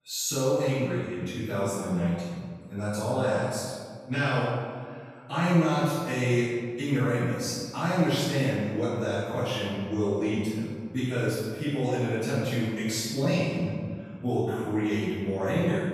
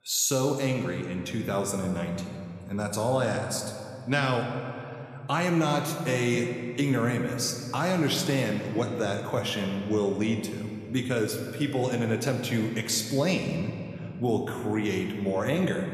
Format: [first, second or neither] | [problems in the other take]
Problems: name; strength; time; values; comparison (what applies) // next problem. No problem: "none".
second | room echo; strong; dies away in 1.6 s; slight in the second // off-mic speech; far